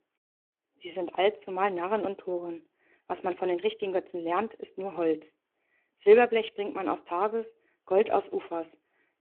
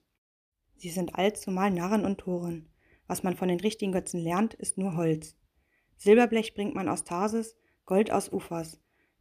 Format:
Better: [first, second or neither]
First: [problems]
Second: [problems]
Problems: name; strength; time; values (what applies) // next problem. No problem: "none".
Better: second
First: phone-call audio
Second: none